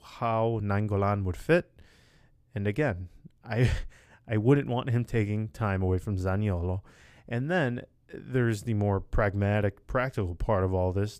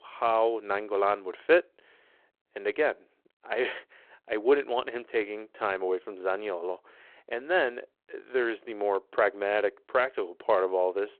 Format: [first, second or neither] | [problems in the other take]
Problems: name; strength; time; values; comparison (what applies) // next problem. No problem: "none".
first | phone-call audio